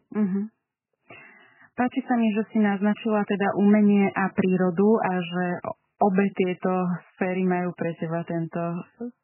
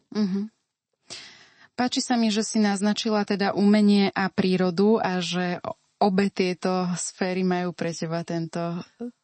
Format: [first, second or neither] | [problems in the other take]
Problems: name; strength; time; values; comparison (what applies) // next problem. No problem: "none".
second | garbled, watery; badly; nothing above 3 kHz; slightly in the second